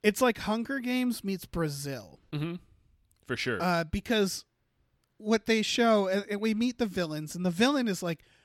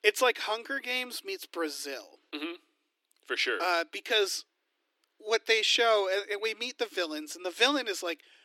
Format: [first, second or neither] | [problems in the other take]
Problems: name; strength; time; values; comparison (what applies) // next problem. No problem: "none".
first | thin; very; fading below 300 Hz